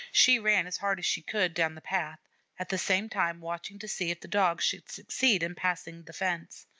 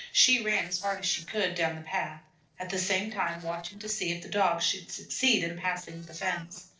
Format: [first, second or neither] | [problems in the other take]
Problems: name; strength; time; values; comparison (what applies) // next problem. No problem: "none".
first | noise reduction (neural separator model SepFormer DNS4)